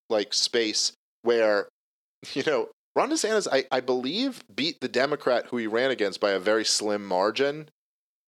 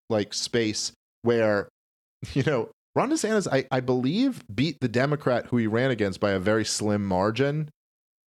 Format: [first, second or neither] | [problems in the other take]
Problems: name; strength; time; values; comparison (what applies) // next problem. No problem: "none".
second | thin; somewhat; fading below 400 Hz